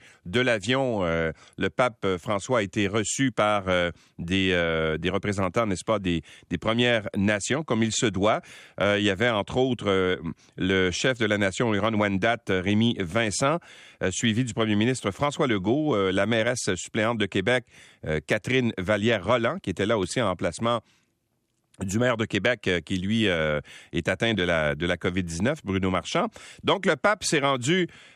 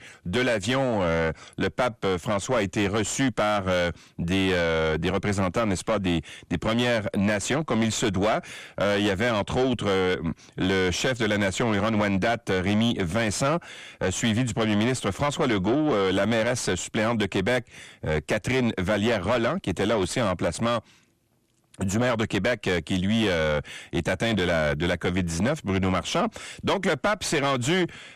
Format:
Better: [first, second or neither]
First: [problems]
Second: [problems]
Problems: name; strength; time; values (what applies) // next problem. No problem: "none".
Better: first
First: none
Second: distortion; heavy; 7 dB below the speech